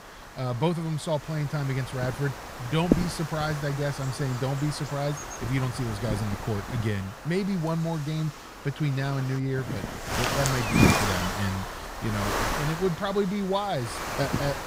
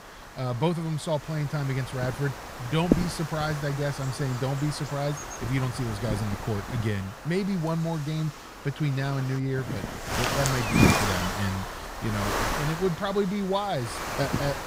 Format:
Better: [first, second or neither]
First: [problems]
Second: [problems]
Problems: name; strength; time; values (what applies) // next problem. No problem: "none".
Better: neither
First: wind noise on the microphone; heavy; 1 dB above the speech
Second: wind noise on the microphone; heavy; 1 dB above the speech